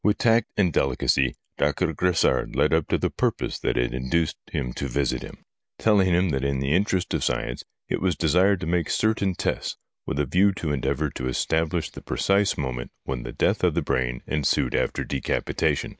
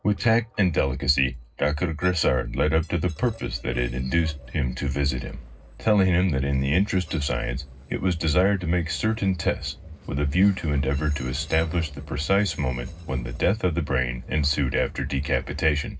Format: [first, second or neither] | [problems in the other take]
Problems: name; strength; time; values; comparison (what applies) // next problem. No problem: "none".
first | noise reduction (neural separator model SepFormer DNS4)